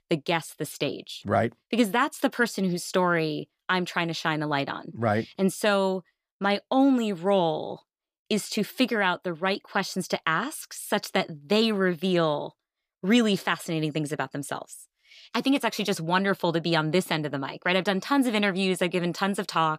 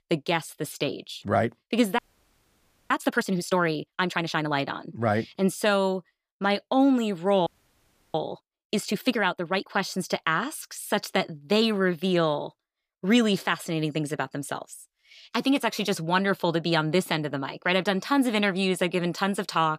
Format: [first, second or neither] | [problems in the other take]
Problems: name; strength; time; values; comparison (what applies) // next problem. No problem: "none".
first | audio freezing; at 2 s for 1 s and at 7.5 s for 0.5 s